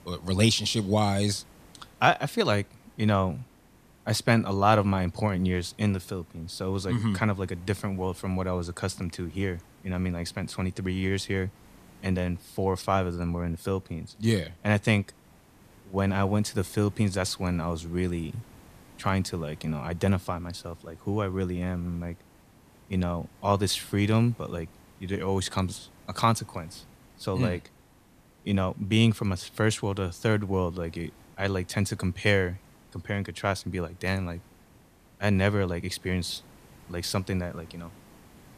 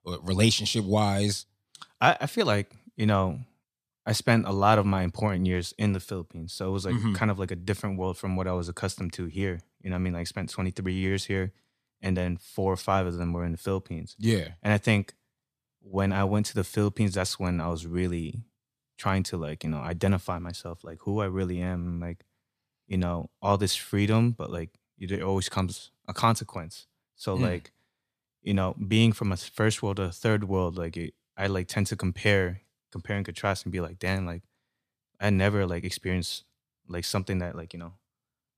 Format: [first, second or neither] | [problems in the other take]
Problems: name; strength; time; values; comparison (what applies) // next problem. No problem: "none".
second | hiss; faint; throughout; 25 dB below the speech